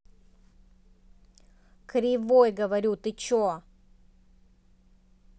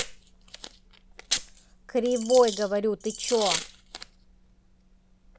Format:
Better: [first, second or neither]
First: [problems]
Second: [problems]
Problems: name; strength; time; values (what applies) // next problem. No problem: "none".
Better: first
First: none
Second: background sound (Packing tape, duct tape / Tearing + Bird vocalization, bird call, bird song); 8 dB below the speech